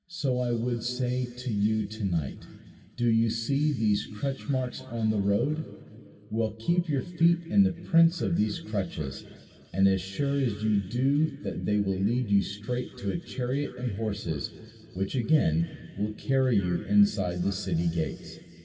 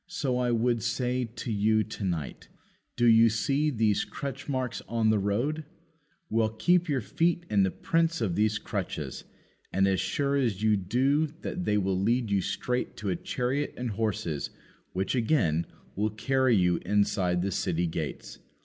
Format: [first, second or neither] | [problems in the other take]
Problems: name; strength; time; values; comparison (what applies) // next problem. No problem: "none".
second | room echo; dies away in 2.9 s